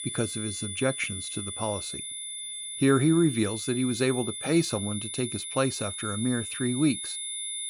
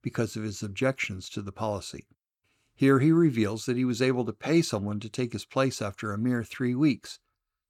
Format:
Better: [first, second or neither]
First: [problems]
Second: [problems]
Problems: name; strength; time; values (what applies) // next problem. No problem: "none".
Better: second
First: high-pitched whine; loud; throughout; 10 kHz, 5 dB below the speech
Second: none